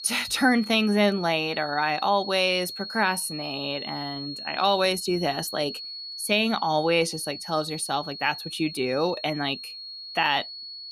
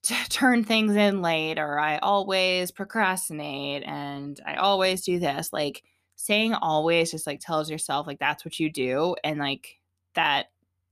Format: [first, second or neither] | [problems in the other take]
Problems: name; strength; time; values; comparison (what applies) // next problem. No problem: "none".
second | high-pitched whine; loud; throughout; 4.5 kHz, 10 dB below the speech